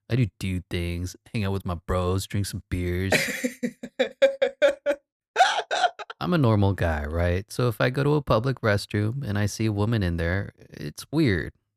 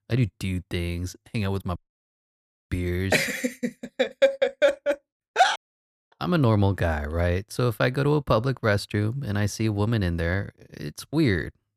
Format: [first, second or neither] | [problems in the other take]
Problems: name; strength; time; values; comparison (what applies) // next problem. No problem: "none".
first | audio cutting out; at 2 s for 1 s and at 5.5 s for 0.5 s